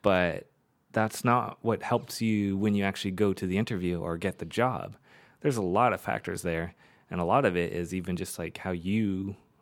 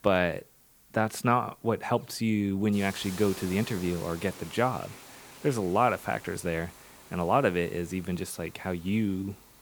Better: first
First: none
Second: hiss; noticeable; throughout; 15 dB below the speech

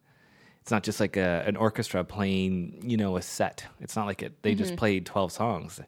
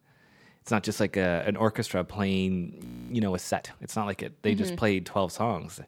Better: first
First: none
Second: audio freezing; at 3 s

